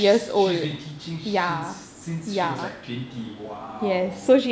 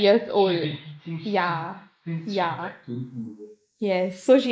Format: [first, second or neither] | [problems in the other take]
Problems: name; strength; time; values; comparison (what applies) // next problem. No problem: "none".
first | noise reduction (neural mask model Resemble Enhance denoiser)